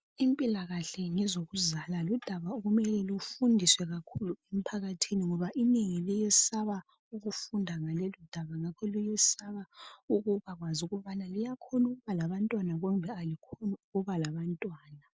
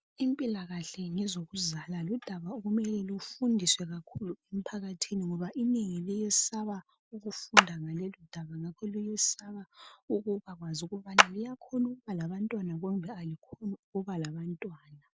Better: first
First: none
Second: background sound (Clapping); 4 dB above the speech

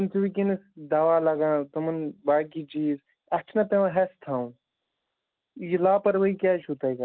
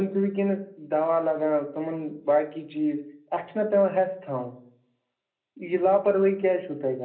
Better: first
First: none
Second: room echo; dies away in 0.5 s

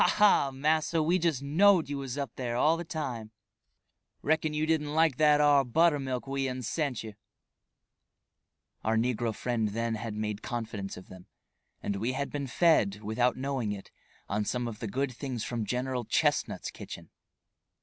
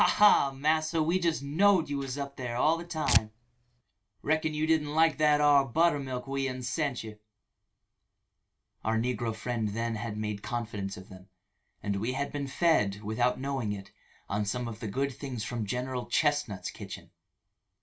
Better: first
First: none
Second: background sound (Tearing); 5 dB below the speech // room echo; dies away in 0.2 s

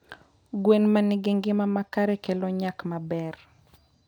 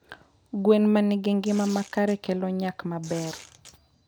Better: first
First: none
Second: background sound (Tearing); 19 dB below the speech

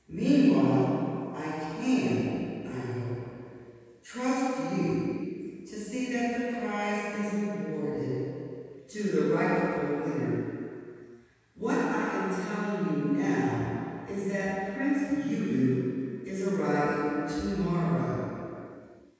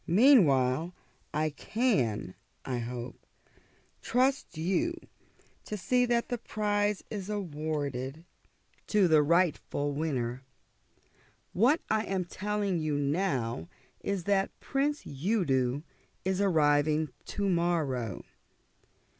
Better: second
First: room echo; dies away in 2.1 s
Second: none

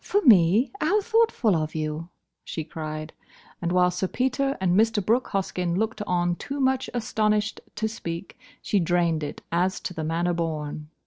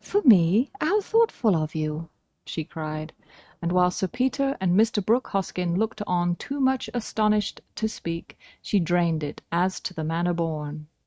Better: first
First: none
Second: noise reduction (neural mask model RNNoise)

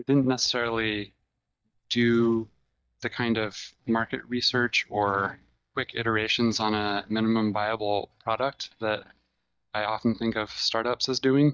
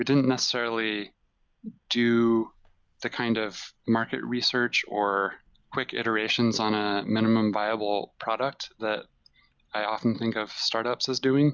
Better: second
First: noise reduction (neural mask model DeepFilterNet 3)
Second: none

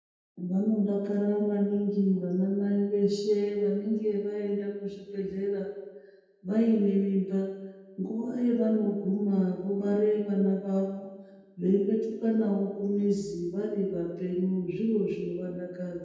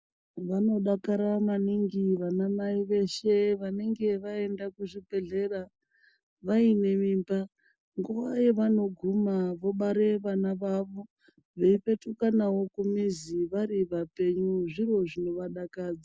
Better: second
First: room echo; dies away in 1.1 s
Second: none

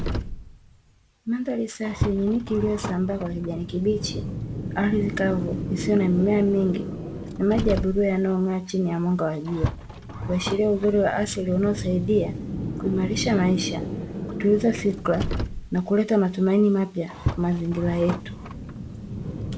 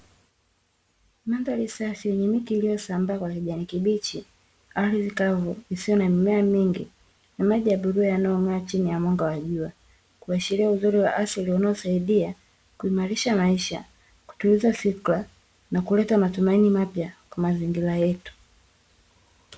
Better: second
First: background sound (Car); 7 dB below the speech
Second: none

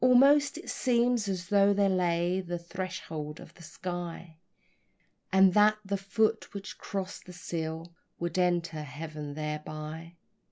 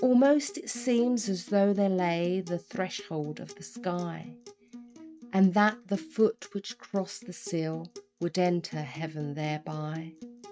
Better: first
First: none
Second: noise reduction (neural mask model RNNoise)

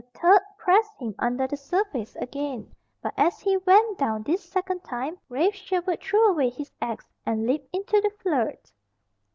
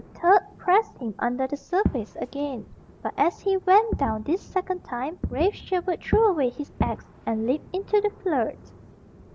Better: first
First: none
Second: background sound (Fireworks); 11 dB below the speech

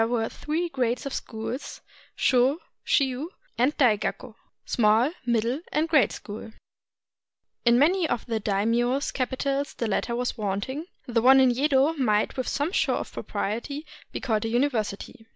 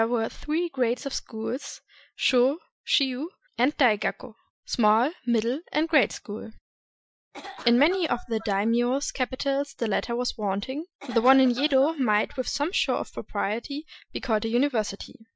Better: first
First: none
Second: noise reduction (classical method Wiener filter)

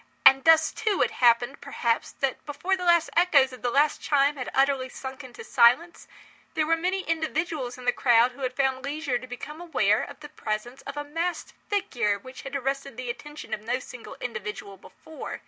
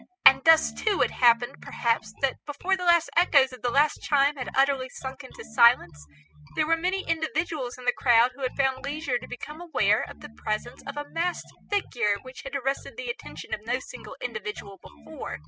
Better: first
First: none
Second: noise reduction (classical method spectral subtraction)

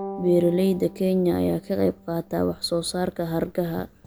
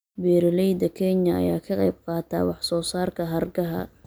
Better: second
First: background sound (Bowed string instrument); 17 dB below the speech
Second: none

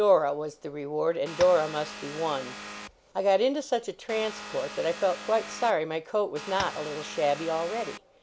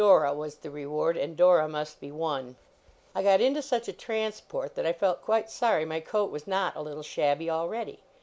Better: second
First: background sound (Vehicle + Tap); 12 dB below the speech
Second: none

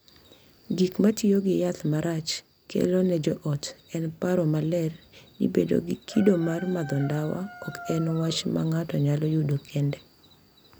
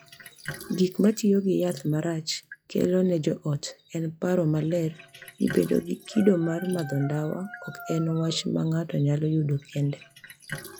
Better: first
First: none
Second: noise reduction (classical method log-MMSE)

